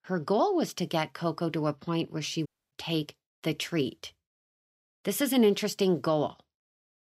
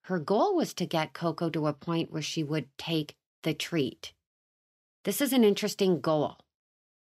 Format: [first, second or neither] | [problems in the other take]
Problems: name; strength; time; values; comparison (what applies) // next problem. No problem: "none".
second | audio cutting out; at 2.5 s